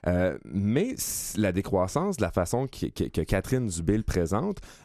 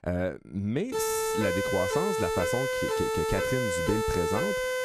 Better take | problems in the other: first | siren; loud; from 1 s on; peak 3 dB above the speech

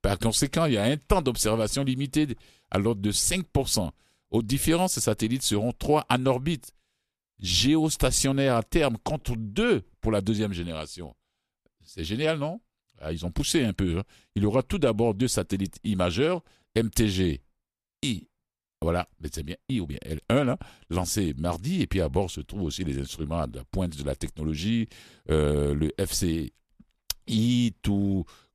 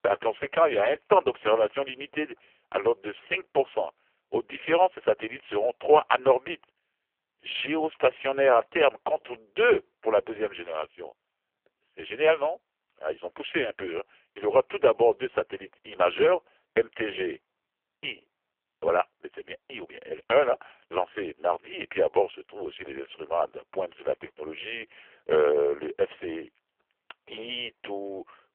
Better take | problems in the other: first | phone-call audio; poor line; nothing above 3 kHz

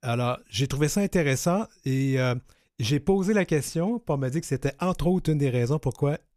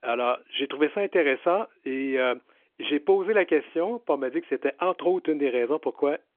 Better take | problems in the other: first | phone-call audio; nothing above 3.5 kHz

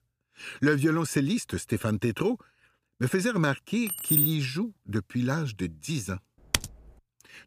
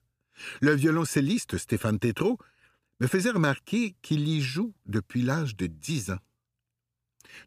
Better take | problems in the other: second | jangling keys; loud; at 4 s; peak 6 dB above the speech // keyboard typing; noticeable; at 6.5 s; peak 1 dB below the speech

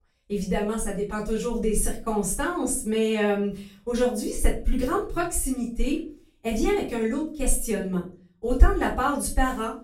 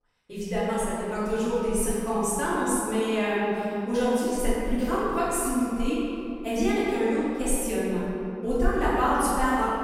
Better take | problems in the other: first | room echo; strong; dies away in 2.5 s; slight in the first // off-mic speech; far; far in the first

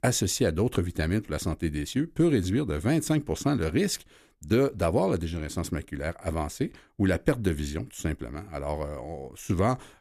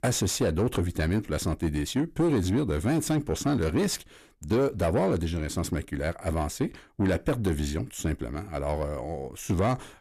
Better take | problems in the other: first | distortion; slight; 10 dB below the speech

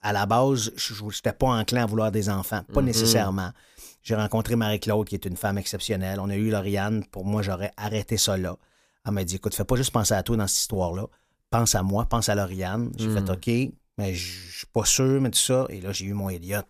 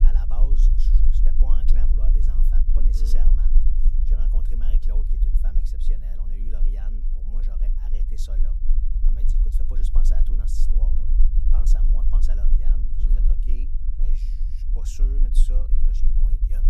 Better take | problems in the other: first | low rumble; loud; throughout; 1 dB below the speech

